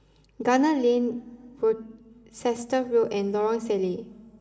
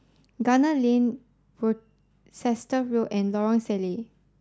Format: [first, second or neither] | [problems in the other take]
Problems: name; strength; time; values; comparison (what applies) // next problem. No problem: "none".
second | room echo; dies away in 1.7 s